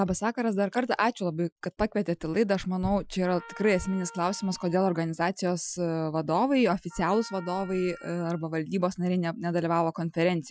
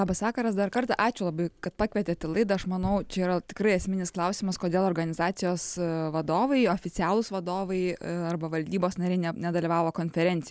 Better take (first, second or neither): second